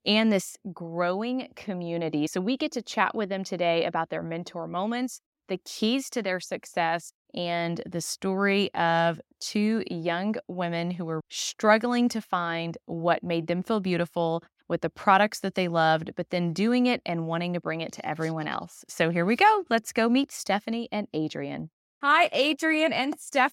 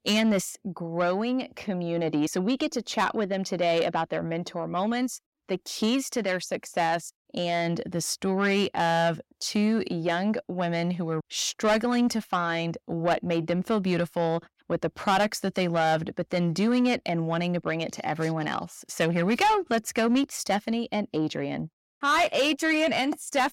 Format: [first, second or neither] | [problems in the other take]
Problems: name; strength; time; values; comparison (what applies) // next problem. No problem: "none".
first | distortion; slight; 10 dB below the speech